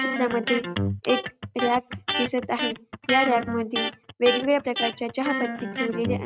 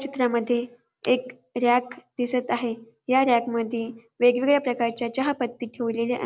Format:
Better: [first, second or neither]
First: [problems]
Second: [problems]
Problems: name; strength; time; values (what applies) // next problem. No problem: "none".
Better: second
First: noise reduction (neural mask model RNNoise)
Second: none